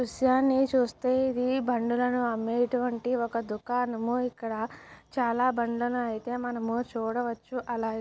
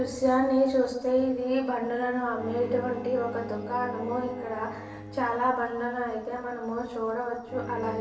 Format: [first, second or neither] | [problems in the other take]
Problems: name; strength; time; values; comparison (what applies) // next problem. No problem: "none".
first | background sound (Bowed string instrument); 14 dB below the speech // room echo; dies away in 1 s